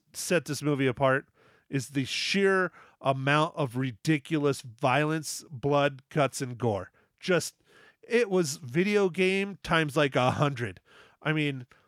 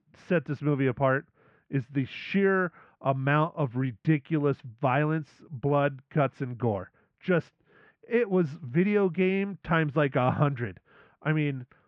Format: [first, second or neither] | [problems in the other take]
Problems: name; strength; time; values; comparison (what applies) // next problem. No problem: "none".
first | muffled; very; fading above 2 kHz